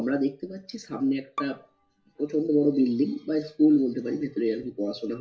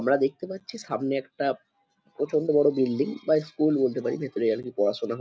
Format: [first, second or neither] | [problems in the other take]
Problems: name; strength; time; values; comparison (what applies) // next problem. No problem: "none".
second | background sound (Bowed string instrument); 16 dB below the speech // room echo; dies away in 0.2 s